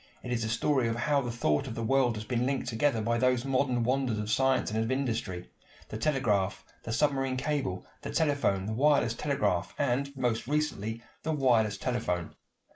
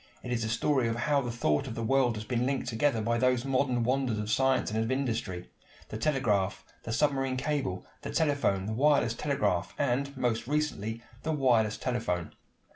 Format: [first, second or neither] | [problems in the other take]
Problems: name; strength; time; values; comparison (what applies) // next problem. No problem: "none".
second | noise reduction (neural mask model Resemble Enhance denoiser)